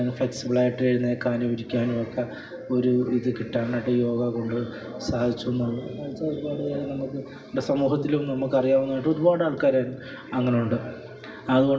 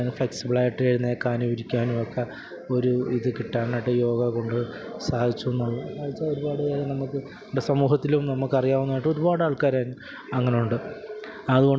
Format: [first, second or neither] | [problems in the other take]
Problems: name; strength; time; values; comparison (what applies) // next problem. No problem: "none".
second | room echo; dies away in 1.7 s